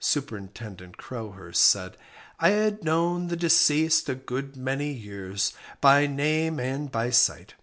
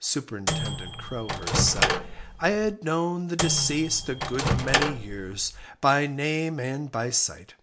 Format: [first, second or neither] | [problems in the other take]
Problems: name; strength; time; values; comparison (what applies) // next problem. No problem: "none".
first | background sound (Microwave oven); as loud as the speech